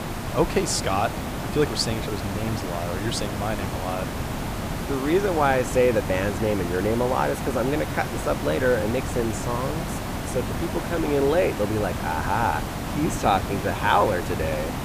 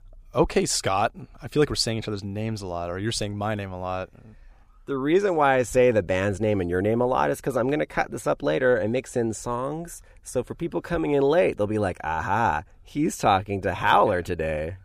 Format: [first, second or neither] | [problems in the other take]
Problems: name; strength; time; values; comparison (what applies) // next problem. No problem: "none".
second | hiss; loud; throughout; 5 dB below the speech